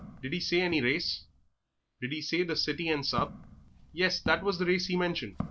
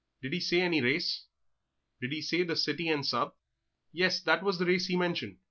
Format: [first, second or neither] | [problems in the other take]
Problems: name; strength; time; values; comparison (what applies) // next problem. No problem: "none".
second | background sound (Walk, footsteps); 13 dB below the speech